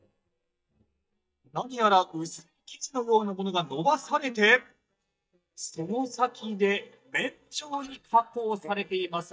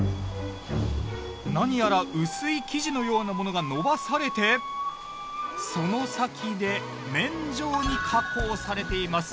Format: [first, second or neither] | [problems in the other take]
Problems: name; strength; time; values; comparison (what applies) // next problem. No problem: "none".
second | noise reduction (neural mask model DeepFilterNet 3)